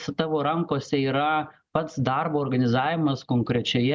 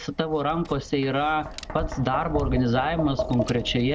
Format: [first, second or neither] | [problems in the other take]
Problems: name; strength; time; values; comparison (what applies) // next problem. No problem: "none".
first | background sound (Tap); 8 dB below the speech